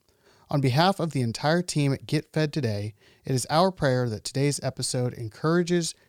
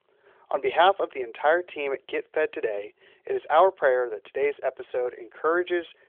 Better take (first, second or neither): first